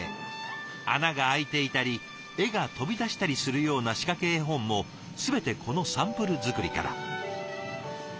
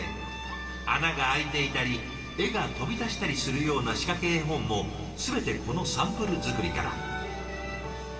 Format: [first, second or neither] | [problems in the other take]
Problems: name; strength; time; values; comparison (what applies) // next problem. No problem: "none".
first | background sound (Musical instrument); 11 dB below the speech // room echo; dies away in 2.5 s